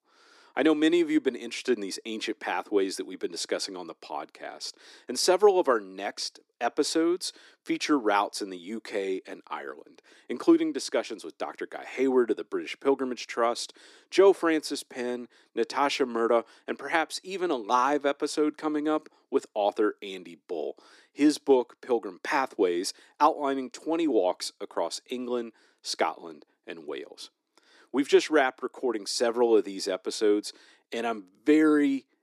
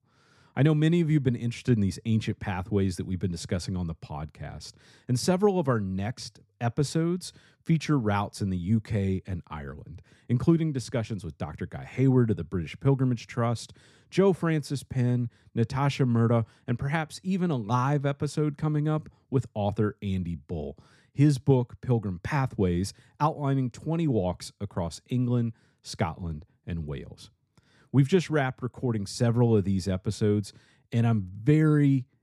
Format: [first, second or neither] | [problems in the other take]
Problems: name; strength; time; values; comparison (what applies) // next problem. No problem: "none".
second | thin; somewhat; fading below 300 Hz